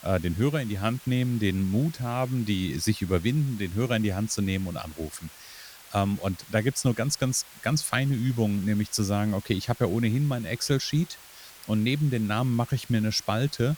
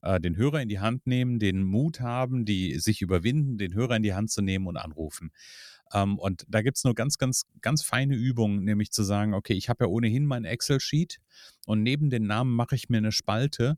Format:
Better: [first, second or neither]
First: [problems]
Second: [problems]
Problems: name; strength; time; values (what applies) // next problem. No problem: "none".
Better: second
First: hiss; noticeable; throughout; 20 dB below the speech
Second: none